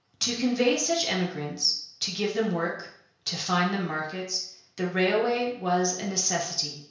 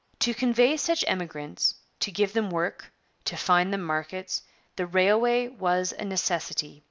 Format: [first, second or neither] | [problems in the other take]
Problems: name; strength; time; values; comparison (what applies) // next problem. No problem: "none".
second | room echo; dies away in 0.5 s